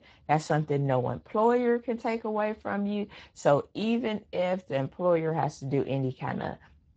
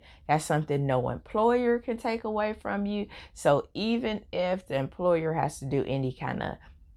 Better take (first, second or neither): second